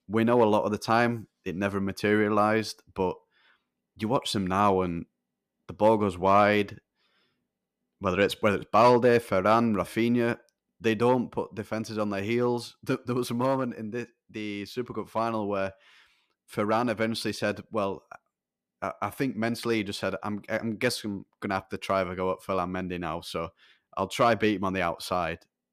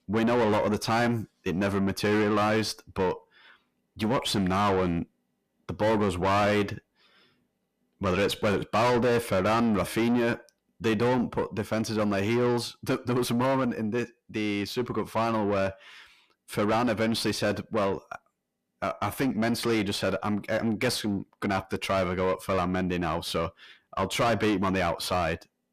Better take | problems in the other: first | distortion; heavy; 6 dB below the speech

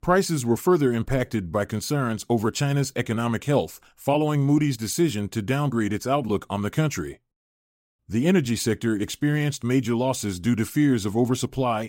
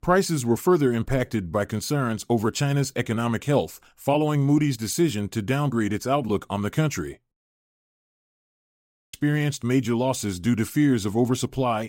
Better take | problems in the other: first | audio freezing; at 8 s for 1 s

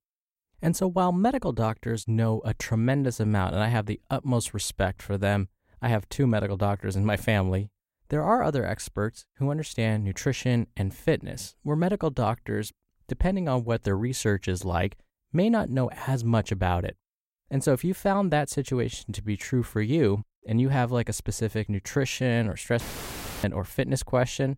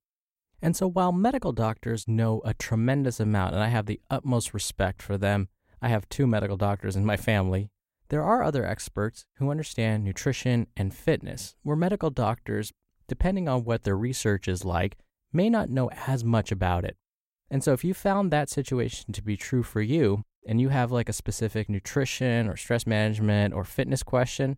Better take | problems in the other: second | audio cutting out; filled with static; at 23 s for 0.5 s

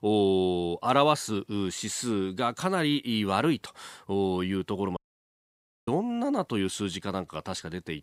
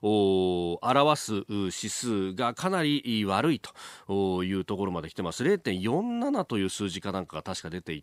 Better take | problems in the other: second | audio cutting out; at 5 s for 1 s

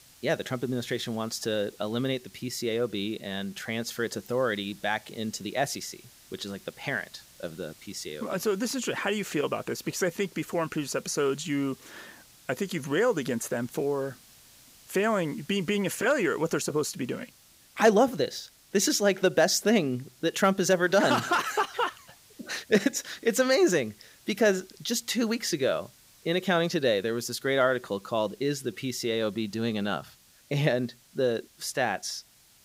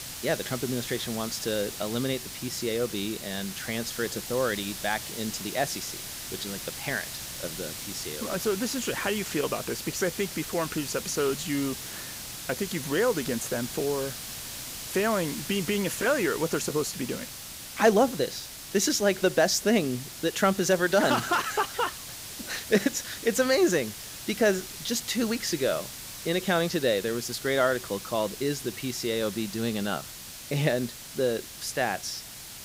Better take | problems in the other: first | hiss; loud; throughout; 8 dB below the speech; faint in the first

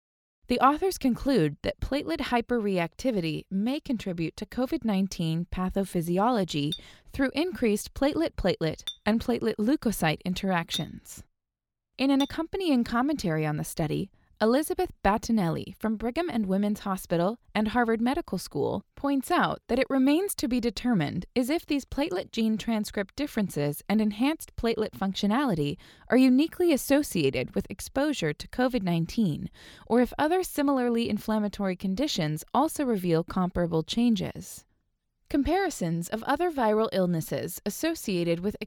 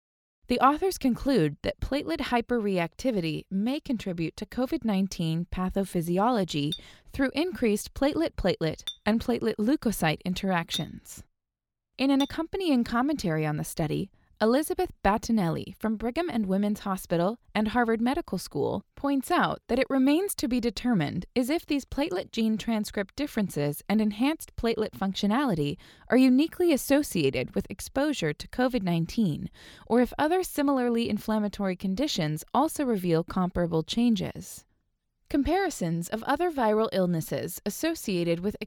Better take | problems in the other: neither | clattering dishes; noticeable; from 6.5 to 12 s; peak 8 dB below the speech; the same in both

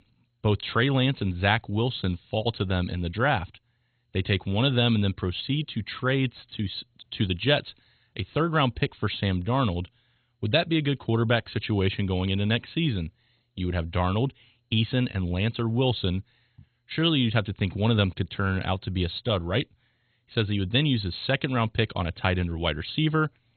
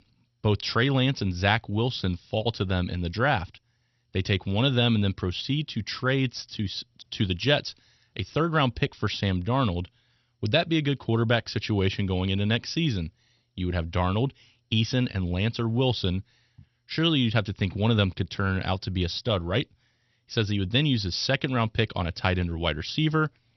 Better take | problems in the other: second | garbled, watery; badly; nothing above 4 kHz; slightly in the second

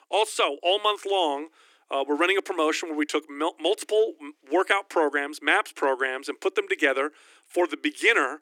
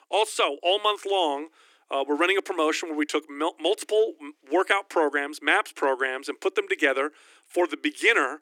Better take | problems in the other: neither | thin; somewhat; fading below 300 Hz; the same in both

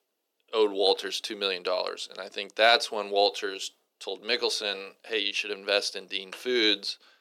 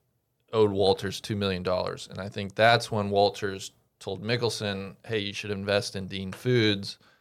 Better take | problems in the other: second | thin; somewhat; fading below 300 Hz

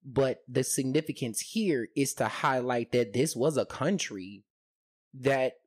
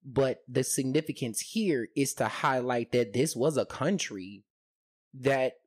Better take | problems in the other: neither | none

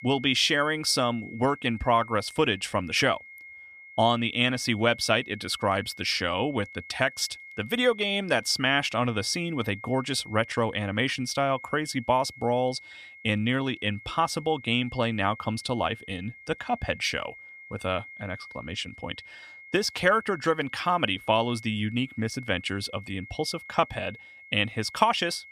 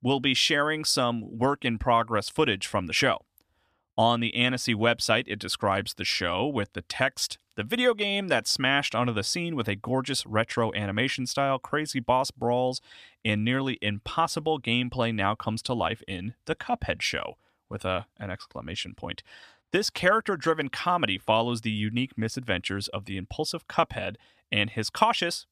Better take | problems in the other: second | high-pitched whine; noticeable; throughout; 2 kHz, 20 dB below the speech

